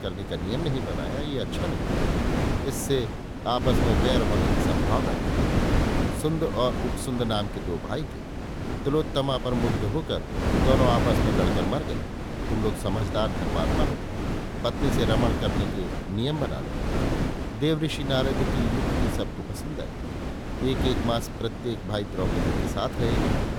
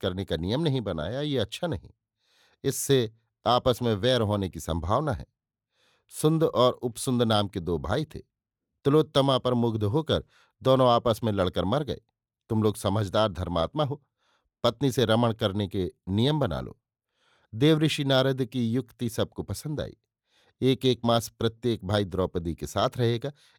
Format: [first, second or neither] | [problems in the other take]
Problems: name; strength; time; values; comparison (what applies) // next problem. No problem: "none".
second | wind noise on the microphone; heavy; 1 dB below the speech